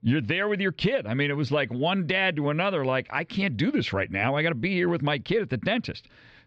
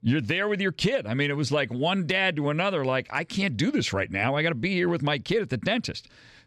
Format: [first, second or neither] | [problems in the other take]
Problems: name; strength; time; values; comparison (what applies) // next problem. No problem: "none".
second | muffled; very slightly; fading above 3.5 kHz